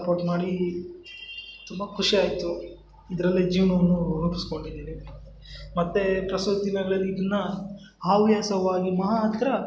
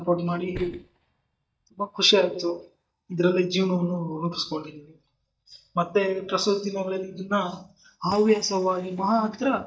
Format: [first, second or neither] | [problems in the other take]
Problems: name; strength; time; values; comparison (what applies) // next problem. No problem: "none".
first | noise reduction (neural mask model DeepFilterNet 3)